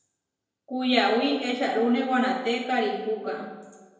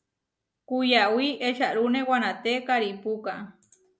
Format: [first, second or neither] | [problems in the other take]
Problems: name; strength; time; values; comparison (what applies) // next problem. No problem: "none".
second | room echo; dies away in 1 s